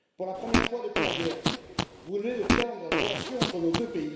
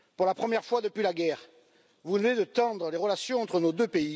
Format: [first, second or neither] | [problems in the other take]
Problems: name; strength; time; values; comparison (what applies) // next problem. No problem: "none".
second | background sound (Fart); 3 dB above the speech // room echo; dies away in 2.2 s